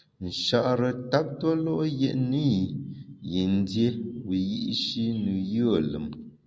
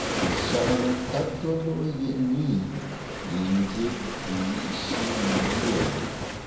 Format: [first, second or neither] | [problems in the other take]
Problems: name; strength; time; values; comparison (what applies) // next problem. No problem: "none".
first | background sound (Waves, surf); 3 dB below the speech // room echo; dies away in 0.6 s